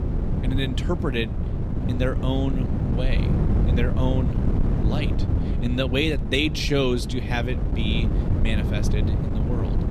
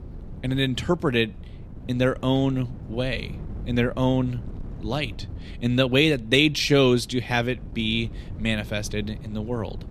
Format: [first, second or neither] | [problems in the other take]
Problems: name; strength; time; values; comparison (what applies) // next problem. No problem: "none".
second | wind noise on the microphone; heavy; 6 dB below the speech; occasional gusts in the second